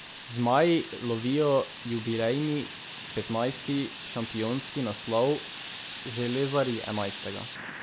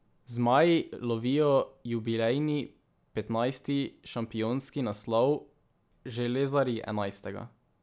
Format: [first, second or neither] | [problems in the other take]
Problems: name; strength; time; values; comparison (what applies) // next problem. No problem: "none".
second | background sound (Fire); 12 dB below the speech